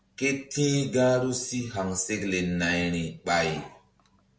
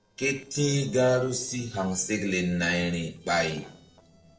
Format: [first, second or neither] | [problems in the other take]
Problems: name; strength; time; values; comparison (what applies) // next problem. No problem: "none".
first | noise reduction (neural separator model SepFormer DNS4)